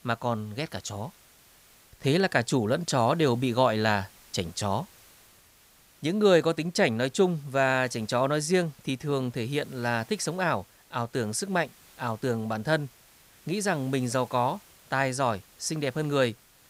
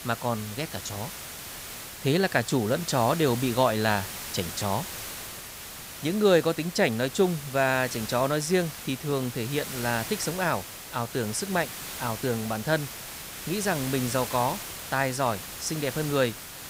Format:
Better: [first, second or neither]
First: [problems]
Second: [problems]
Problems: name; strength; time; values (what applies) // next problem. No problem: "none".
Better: first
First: hiss; faint; throughout; 25 dB below the speech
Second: hiss; loud; throughout; 9 dB below the speech